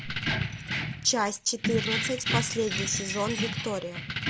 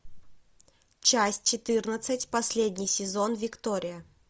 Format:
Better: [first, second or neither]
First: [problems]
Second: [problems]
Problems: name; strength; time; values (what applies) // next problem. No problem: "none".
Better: second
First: background sound (Keys jangling); as loud as the speech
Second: none